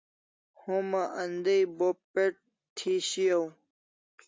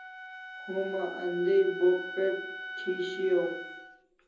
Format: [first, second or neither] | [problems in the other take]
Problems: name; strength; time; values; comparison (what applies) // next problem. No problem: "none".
first | background sound (Wind instrument, woodwind instrument); 11 dB below the speech // room echo; dies away in 0.8 s